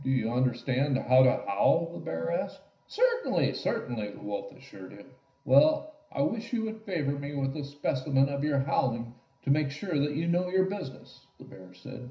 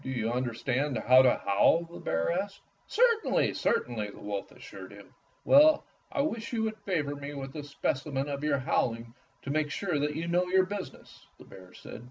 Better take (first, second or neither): second